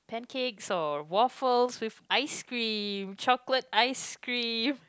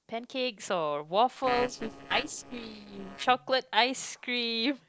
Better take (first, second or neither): first